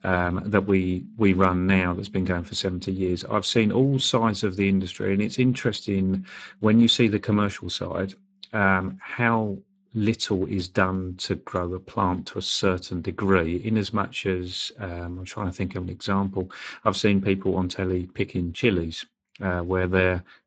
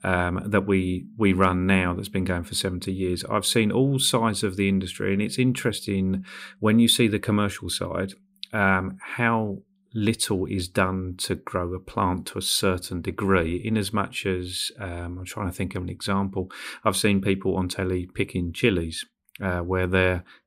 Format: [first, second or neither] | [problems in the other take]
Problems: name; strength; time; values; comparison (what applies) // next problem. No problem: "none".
second | garbled, watery; badly; nothing above 7.5 kHz